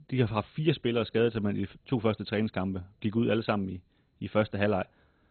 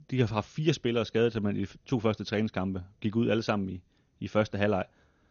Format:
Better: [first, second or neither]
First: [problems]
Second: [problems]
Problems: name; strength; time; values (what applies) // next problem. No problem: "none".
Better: second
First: garbled, watery; badly; nothing above 4 kHz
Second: garbled, watery; slightly; nothing above 6.5 kHz